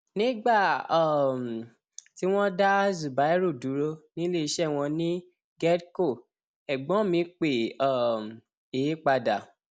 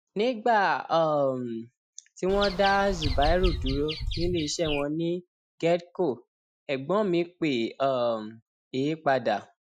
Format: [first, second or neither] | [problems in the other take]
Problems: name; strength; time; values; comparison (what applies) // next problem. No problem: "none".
first | noise reduction (classical method Wiener filter)